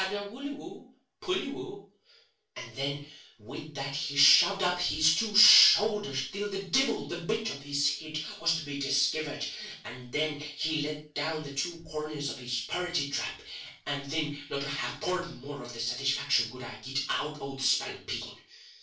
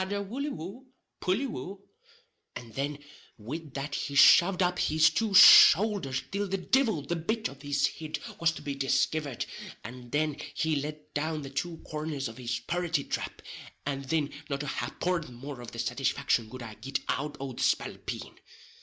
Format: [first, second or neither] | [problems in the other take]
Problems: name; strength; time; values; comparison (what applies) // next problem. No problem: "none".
second | room echo; dies away in 0.3 s